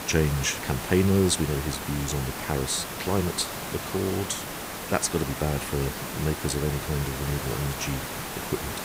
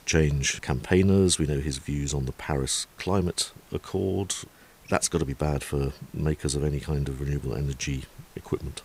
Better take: second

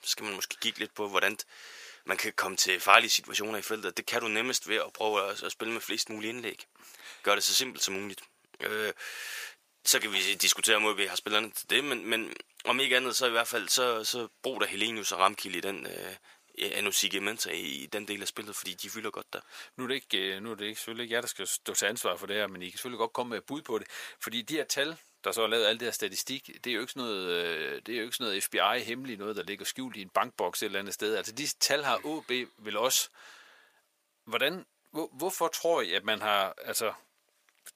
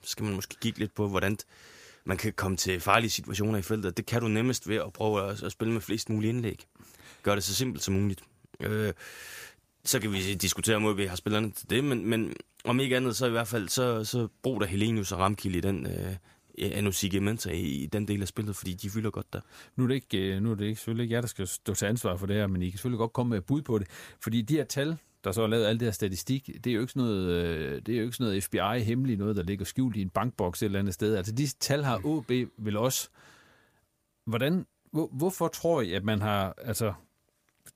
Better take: second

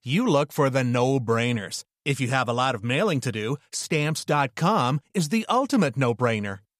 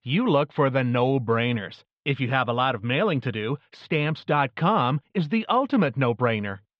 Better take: first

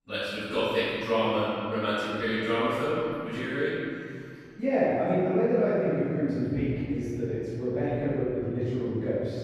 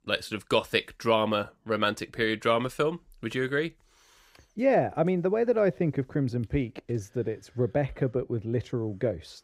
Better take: second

